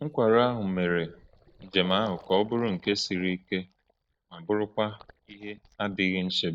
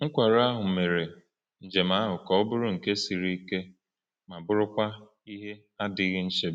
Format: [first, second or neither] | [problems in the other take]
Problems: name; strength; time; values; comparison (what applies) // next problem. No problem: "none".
second | noise reduction (neural mask model DeepFilterNet 3)